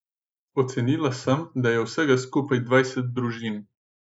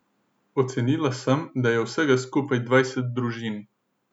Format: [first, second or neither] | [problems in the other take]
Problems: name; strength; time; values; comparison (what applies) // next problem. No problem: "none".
second | noise reduction (neural mask model Resemble Enhance denoiser)